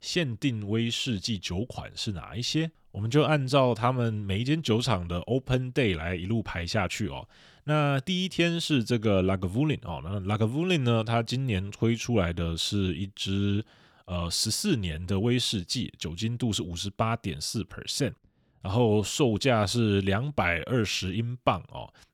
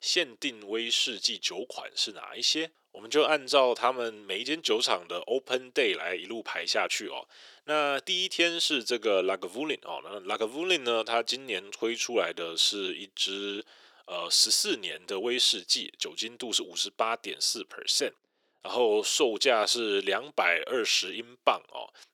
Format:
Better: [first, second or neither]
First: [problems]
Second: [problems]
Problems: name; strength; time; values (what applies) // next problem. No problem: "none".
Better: first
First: none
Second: thin; very; fading below 400 Hz